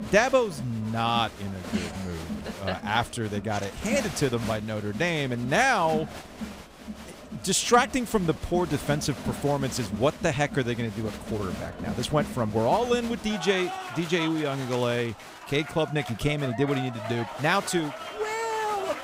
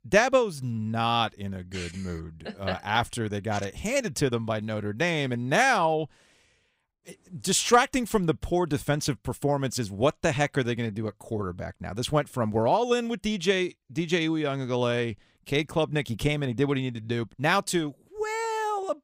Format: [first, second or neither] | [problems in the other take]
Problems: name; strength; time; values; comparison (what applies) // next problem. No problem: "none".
second | crowd noise; noticeable; throughout; 10 dB below the speech